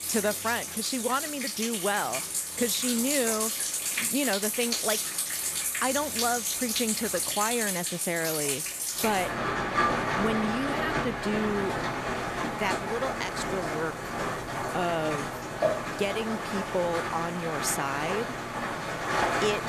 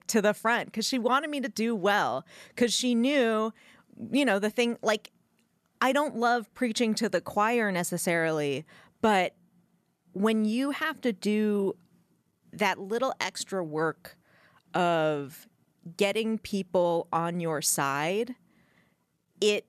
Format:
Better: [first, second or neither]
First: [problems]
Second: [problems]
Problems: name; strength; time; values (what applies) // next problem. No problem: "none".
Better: second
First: rain or running water; very loud; throughout; 1 dB above the speech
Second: none